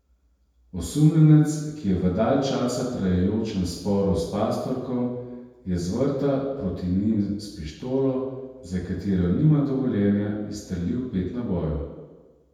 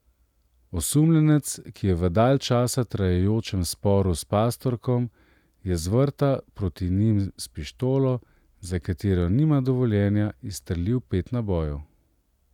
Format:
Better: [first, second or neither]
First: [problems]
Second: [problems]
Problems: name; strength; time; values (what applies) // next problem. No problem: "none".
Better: second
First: room echo; dies away in 1.1 s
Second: none